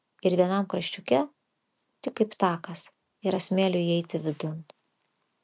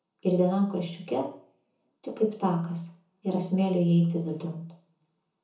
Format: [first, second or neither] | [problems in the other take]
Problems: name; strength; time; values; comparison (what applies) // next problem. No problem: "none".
first | room echo; dies away in 0.6 s